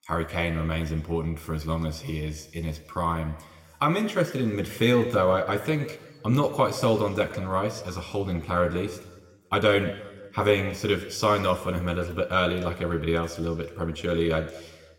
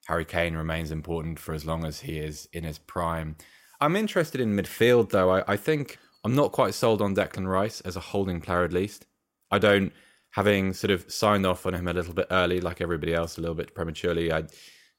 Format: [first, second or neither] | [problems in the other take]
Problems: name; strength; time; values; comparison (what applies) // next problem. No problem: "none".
second | room echo; slight; dies away in 1.1 s